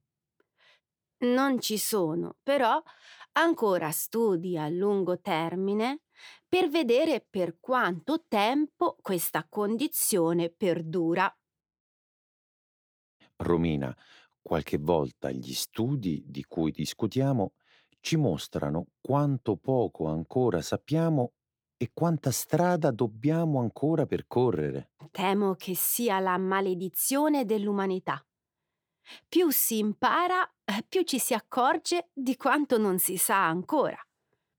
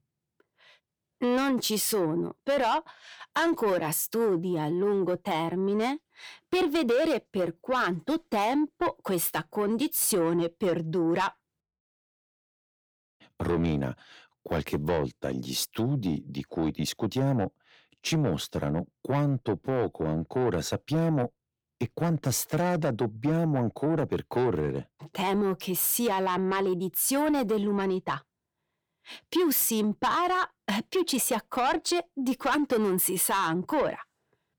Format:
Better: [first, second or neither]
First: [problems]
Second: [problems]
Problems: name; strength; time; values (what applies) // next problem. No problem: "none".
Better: first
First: none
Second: distortion; slight; 10 dB below the speech